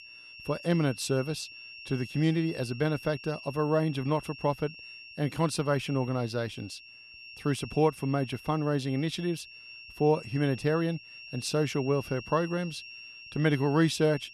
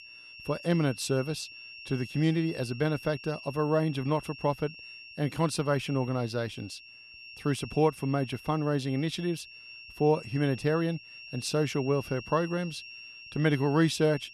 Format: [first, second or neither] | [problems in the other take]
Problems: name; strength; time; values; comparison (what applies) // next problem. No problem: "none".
neither | high-pitched whine; noticeable; throughout; 2.5 kHz, 15 dB below the speech; the same in both